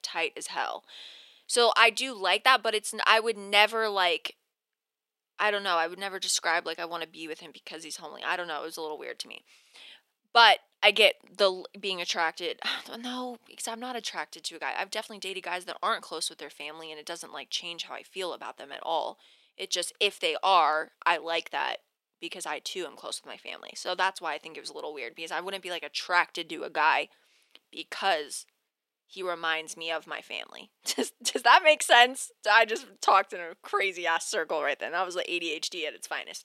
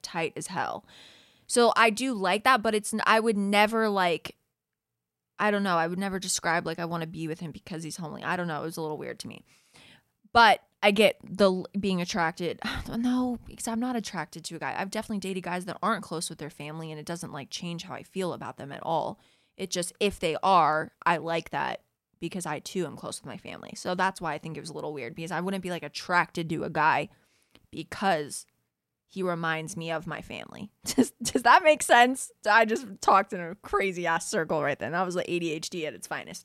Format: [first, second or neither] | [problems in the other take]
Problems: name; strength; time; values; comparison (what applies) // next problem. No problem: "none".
second | thin; somewhat; fading below 400 Hz